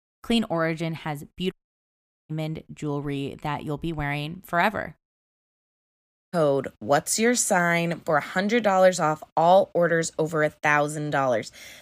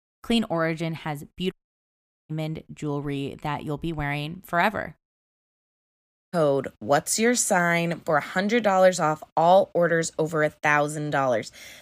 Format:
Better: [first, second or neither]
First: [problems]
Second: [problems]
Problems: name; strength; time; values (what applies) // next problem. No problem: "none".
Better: neither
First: audio cutting out; at 1.5 s for 1 s and at 5 s for 1 s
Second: audio cutting out; at 1.5 s for 1 s and at 5 s for 1 s